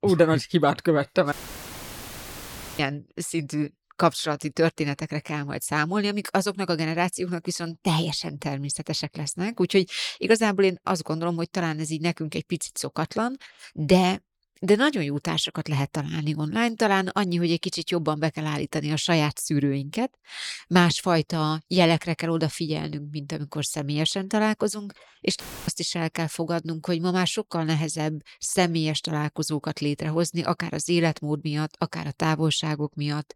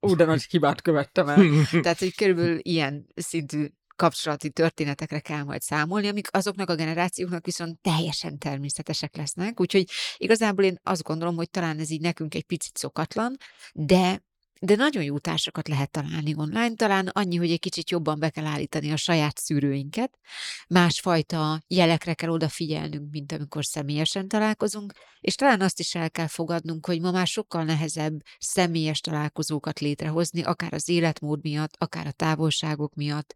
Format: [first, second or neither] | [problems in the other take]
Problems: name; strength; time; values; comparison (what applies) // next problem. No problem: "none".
second | audio cutting out; filled with static; at 1.5 s for 1.5 s and at 25 s